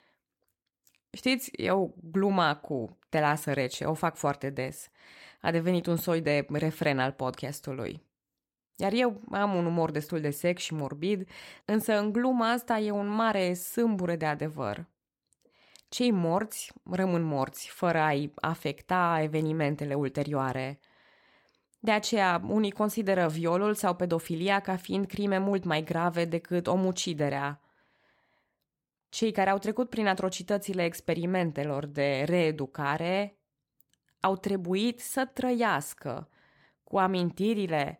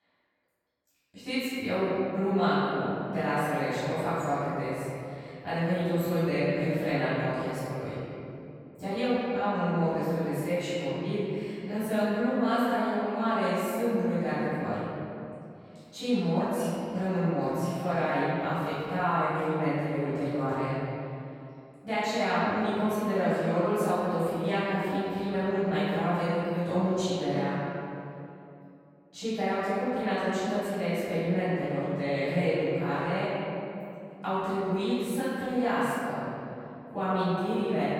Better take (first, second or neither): first